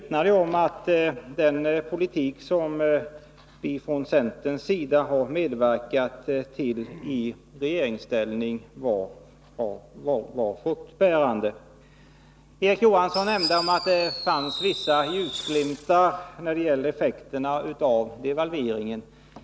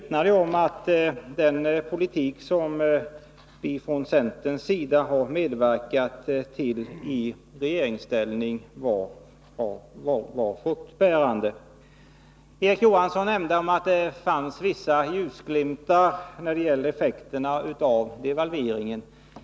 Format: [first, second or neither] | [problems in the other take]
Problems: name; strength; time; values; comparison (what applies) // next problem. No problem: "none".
second | background sound (Fireworks); 9 dB below the speech